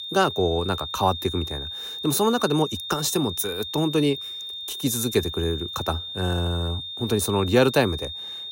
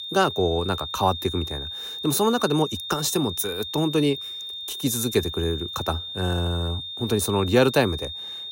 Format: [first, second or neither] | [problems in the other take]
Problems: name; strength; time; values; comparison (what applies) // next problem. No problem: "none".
neither | high-pitched whine; loud; throughout; 3.5 kHz, 7 dB below the speech; the same in both